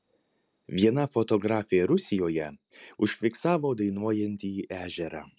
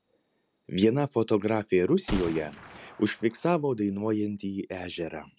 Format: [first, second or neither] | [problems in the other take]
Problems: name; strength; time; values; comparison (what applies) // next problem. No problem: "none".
first | background sound (Gunshot, gunfire); 14 dB below the speech